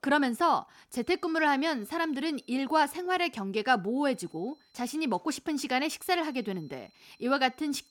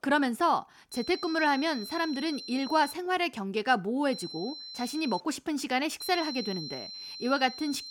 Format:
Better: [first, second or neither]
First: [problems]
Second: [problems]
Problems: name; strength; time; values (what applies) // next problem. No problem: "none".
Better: first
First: high-pitched whine; faint; from 1 to 3 s, from 4 to 5 s and from 6 s on; 4 kHz, 35 dB below the speech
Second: high-pitched whine; loud; from 1 to 3 s, from 4 to 5 s and from 6 s on; 4 kHz, 10 dB below the speech